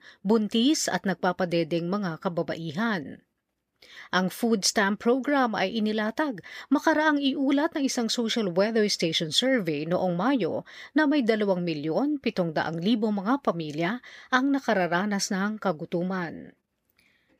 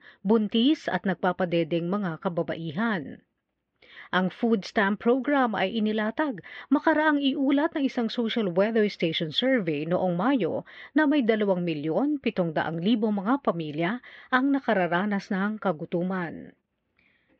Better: first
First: none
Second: muffled; very; fading above 3 kHz

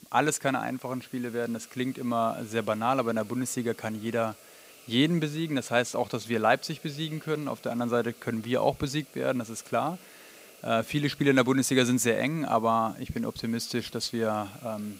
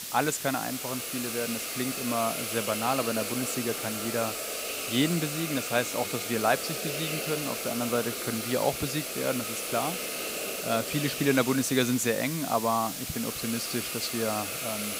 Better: first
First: hiss; faint; throughout; 20 dB below the speech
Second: hiss; loud; throughout; 2 dB below the speech

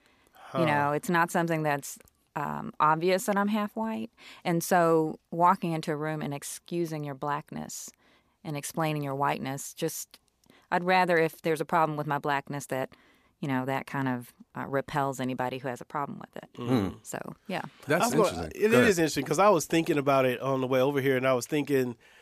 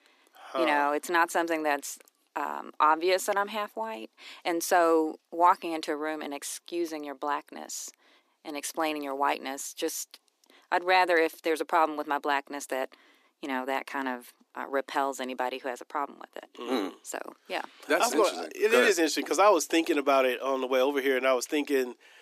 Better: first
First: none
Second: thin; somewhat; fading below 300 Hz

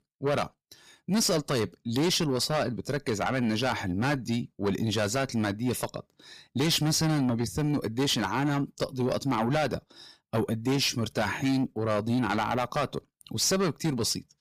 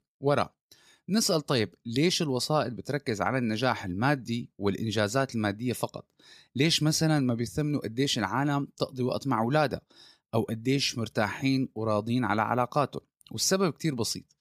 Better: second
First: distortion; heavy; 7 dB below the speech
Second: none

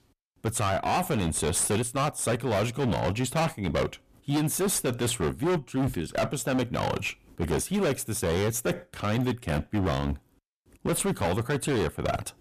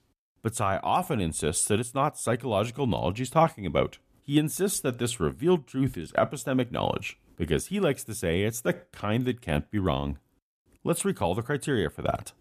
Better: second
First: distortion; heavy; 22% of the sound clipped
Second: none

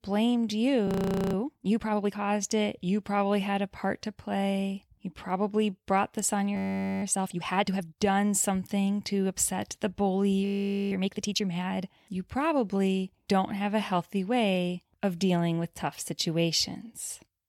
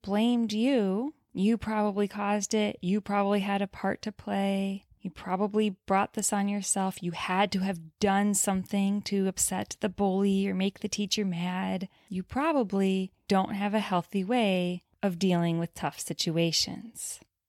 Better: second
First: audio freezing; at 1 s, at 6.5 s and at 10 s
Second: none

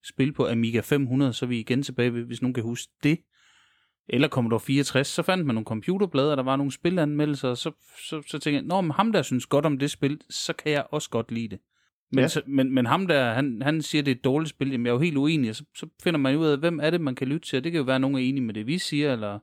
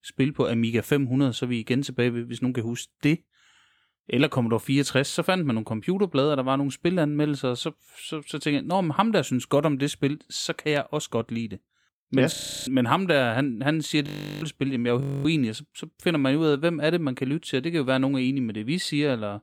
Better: first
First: none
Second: audio freezing; at 12 s, at 14 s and at 15 s

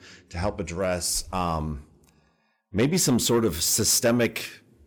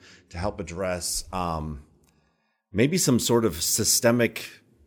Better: second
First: distortion; slight; 10 dB below the speech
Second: none

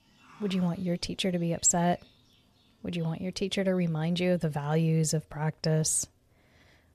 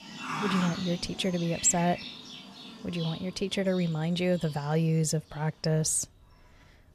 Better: first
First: animal sounds; faint; throughout; 30 dB below the speech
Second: animal sounds; loud; throughout; 10 dB below the speech

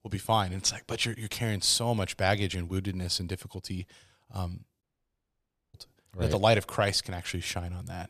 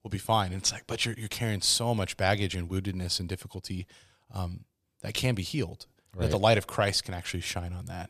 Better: second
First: audio cutting out; at 5 s for 1 s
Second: none

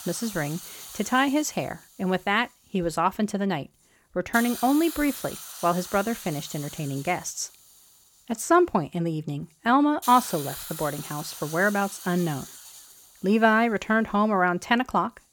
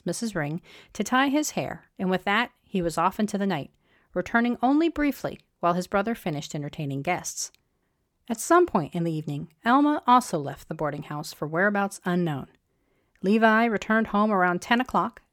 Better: second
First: hiss; noticeable; throughout; 10 dB below the speech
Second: none

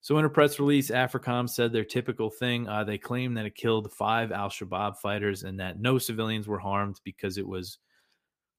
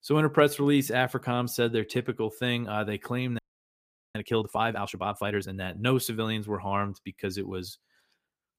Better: first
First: none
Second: audio freezing; at 3.5 s for 1 s

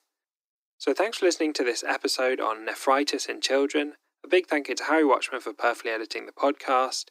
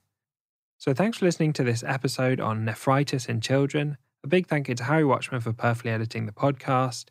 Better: second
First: thin; somewhat; fading below 300 Hz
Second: none

